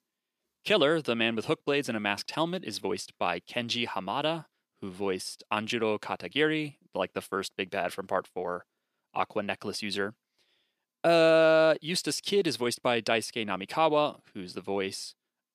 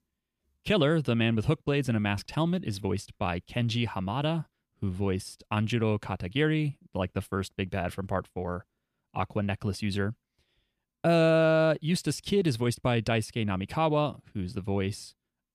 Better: second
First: thin; somewhat; fading below 350 Hz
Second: none

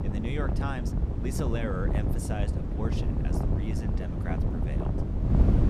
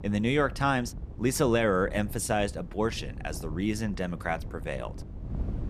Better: second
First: wind noise on the microphone; heavy; as loud as the speech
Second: wind noise on the microphone; occasional gusts; 20 dB below the speech

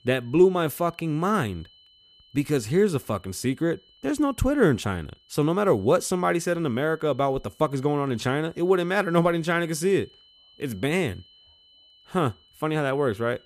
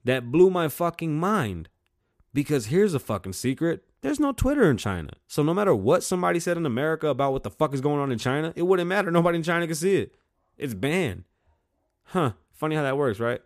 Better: second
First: high-pitched whine; faint; throughout; 3 kHz, 30 dB below the speech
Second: none

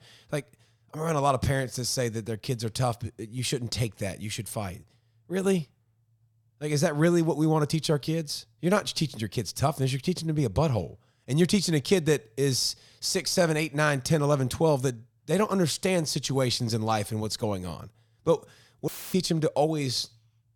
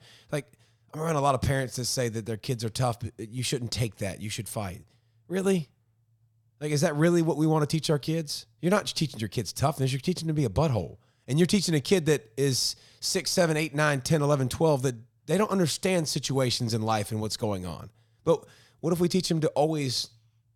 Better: second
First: audio cutting out; filled with static; at 19 s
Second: none

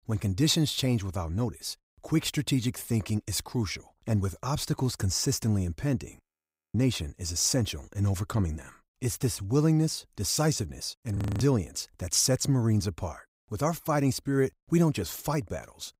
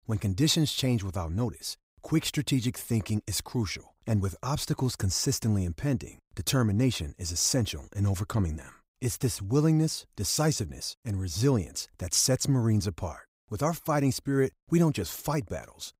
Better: second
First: audio freezing; at 6 s for 0.5 s and at 11 s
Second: none

